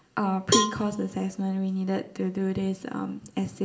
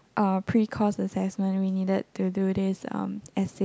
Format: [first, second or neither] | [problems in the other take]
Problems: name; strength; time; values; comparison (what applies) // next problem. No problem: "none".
second | background sound (Cowbell); 3 dB below the speech // room echo; dies away in 0.6 s